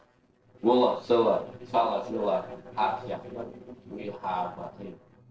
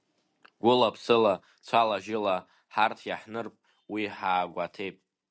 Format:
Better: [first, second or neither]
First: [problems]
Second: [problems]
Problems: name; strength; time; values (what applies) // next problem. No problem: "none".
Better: second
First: noise reduction (neural separator model SepFormer DNS4)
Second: none